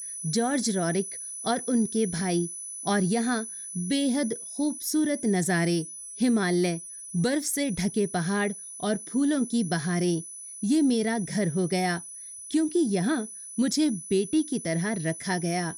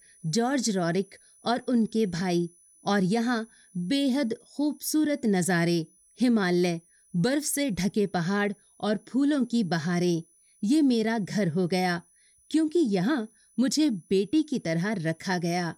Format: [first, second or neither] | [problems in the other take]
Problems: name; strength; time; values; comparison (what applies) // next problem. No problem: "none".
second | high-pitched whine; loud; throughout; 10 kHz, 10 dB below the speech; faint in the second